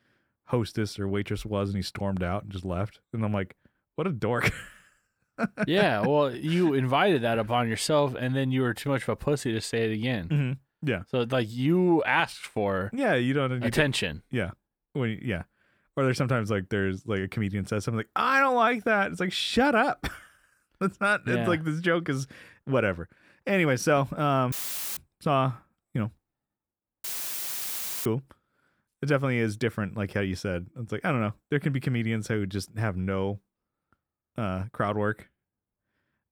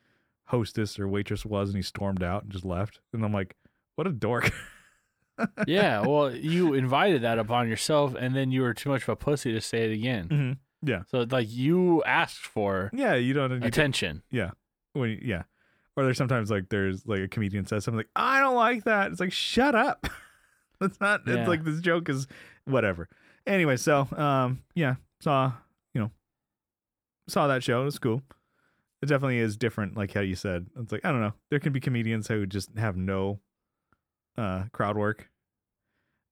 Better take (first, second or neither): second